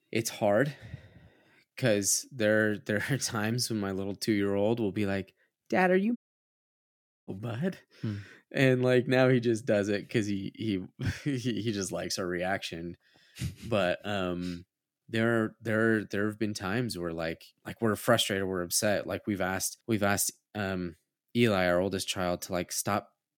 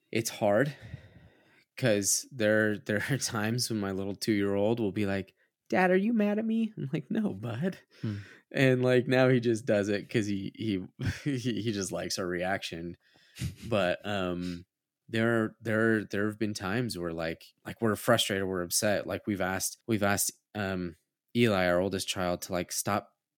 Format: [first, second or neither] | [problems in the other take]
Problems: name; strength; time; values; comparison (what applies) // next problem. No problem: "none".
second | audio cutting out; at 6 s for 1 s